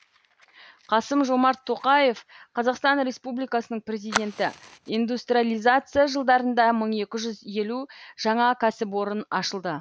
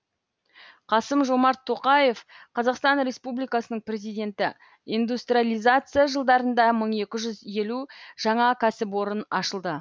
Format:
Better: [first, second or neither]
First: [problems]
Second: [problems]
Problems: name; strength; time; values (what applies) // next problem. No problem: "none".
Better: second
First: background sound (Fire); 18 dB below the speech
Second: none